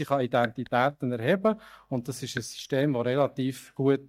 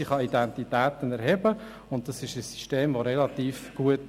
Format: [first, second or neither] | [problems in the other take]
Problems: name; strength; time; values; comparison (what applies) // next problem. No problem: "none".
second | noise reduction (neural mask model DeepFilterNet 3)